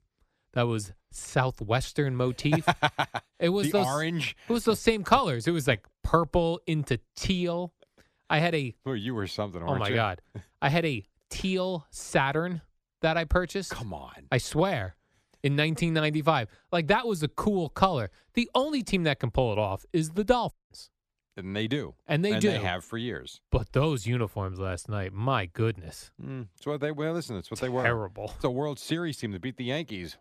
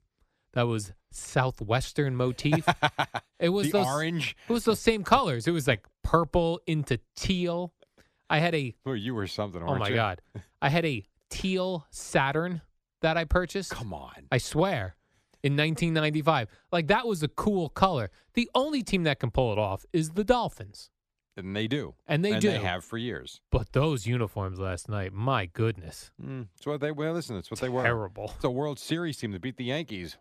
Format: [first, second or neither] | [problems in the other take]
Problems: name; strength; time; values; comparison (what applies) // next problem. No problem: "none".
second | audio cutting out; at 21 s